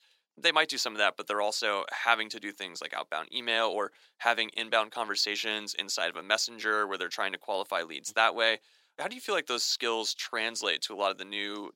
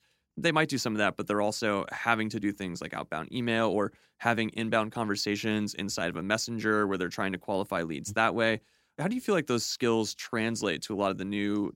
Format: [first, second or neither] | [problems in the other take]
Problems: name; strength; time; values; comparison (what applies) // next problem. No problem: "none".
second | thin; very; fading below 650 Hz